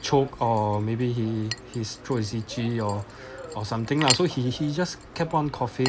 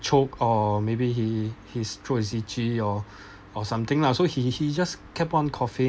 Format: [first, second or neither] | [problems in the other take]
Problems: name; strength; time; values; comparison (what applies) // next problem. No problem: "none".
second | background sound (Chink, clink); 10 dB below the speech